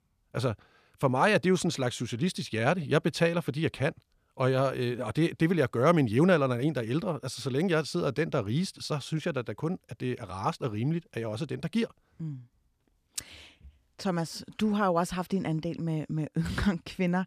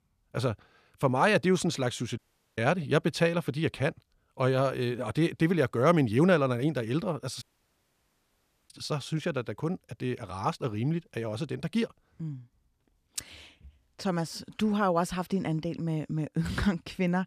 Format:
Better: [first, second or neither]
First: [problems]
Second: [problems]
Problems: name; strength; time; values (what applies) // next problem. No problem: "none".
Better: first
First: none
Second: audio cutting out; at 2 s and at 7.5 s for 1.5 s